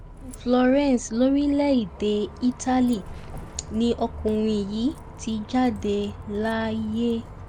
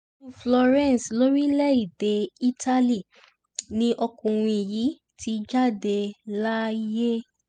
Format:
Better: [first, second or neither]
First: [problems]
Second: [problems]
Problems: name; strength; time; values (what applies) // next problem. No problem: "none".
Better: second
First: background sound (Bus); 15 dB below the speech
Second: none